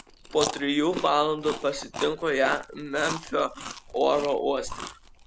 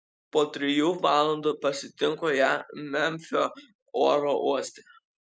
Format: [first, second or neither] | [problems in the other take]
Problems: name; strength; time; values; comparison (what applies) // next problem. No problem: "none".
second | background sound (Chewing, mastication); 11 dB below the speech